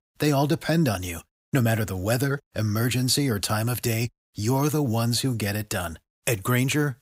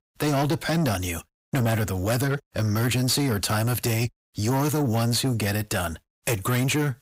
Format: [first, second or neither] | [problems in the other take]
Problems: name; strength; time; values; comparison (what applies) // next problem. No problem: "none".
first | distortion; slight; 10 dB below the speech